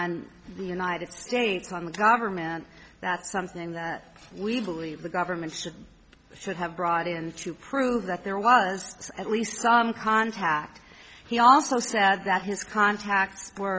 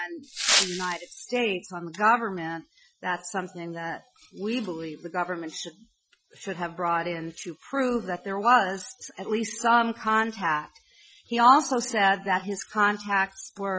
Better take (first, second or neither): first